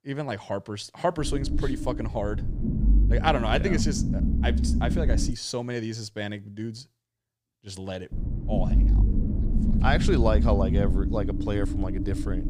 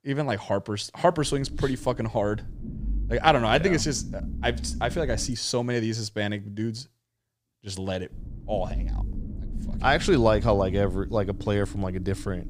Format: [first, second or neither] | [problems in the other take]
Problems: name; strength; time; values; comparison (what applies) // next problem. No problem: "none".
second | low rumble; loud; from 1 to 5.5 s and from 8 s on; 7 dB below the speech; faint in the second